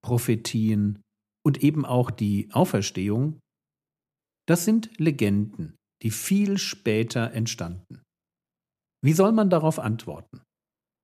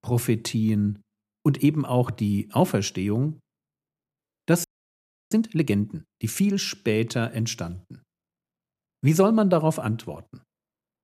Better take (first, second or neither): first